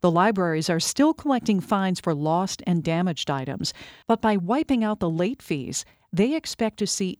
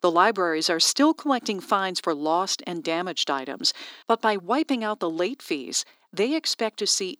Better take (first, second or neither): first